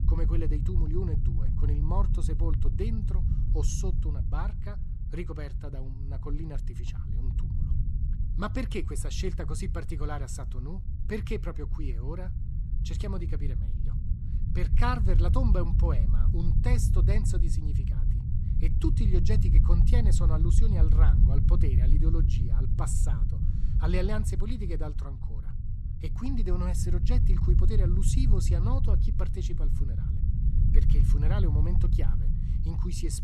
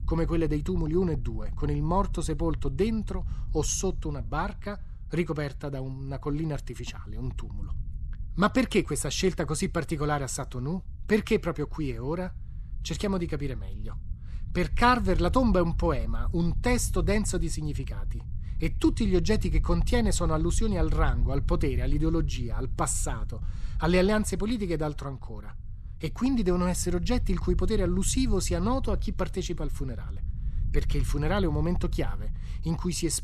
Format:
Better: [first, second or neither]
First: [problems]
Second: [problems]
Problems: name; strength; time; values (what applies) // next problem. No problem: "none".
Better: second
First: low rumble; loud; throughout; 5 dB below the speech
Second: low rumble; faint; throughout; 20 dB below the speech